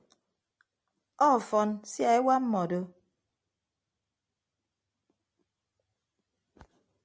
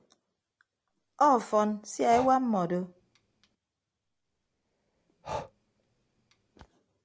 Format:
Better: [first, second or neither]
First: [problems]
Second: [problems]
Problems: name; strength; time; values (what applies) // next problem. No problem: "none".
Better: first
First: none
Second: background sound (Breathing); 15 dB below the speech